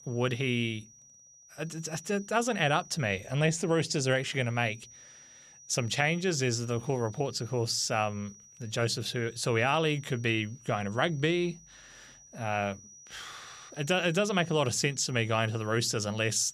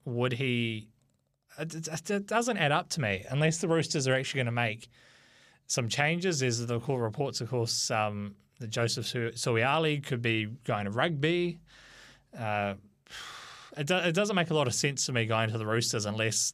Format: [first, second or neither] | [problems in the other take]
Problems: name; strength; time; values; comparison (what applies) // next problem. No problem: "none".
second | high-pitched whine; faint; throughout; 6 kHz, 20 dB below the speech